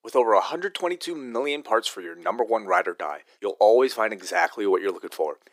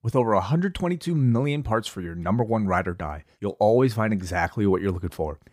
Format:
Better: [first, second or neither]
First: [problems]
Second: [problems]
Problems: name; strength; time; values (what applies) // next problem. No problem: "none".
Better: second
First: thin; very; fading below 350 Hz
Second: none